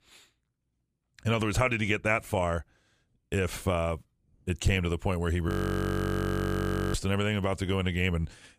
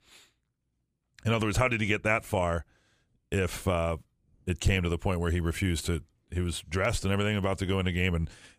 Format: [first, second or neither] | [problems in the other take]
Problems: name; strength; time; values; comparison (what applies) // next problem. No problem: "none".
second | audio freezing; at 5.5 s for 1.5 s